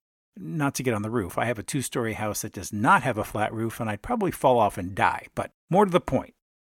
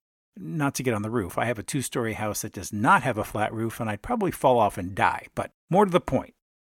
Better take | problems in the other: neither | none

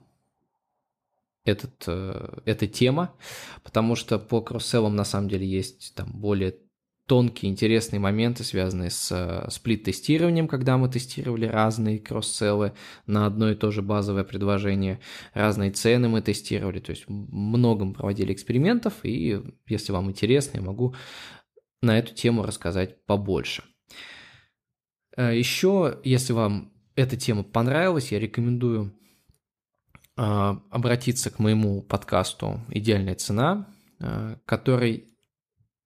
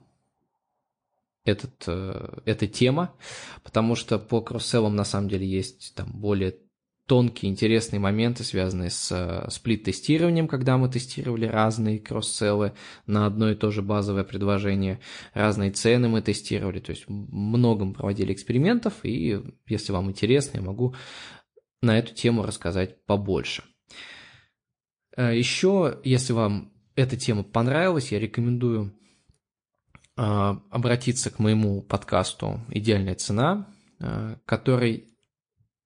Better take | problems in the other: first | garbled, watery; slightly; nothing above 9.5 kHz

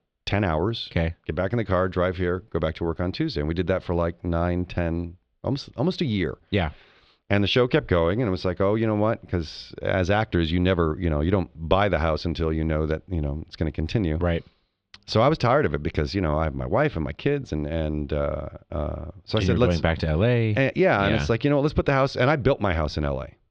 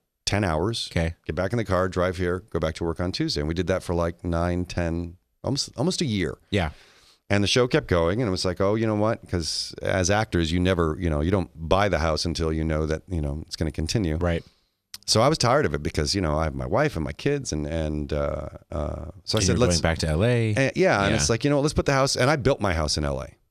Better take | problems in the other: second | muffled; slightly; fading above 3.5 kHz

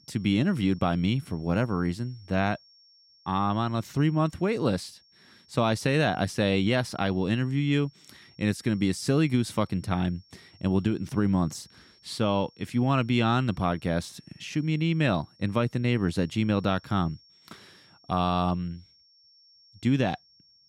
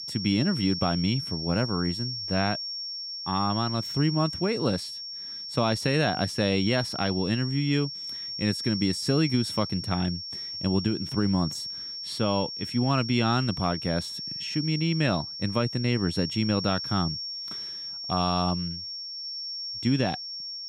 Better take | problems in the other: first | high-pitched whine; loud; throughout; 5.5 kHz, 5 dB below the speech; faint in the first

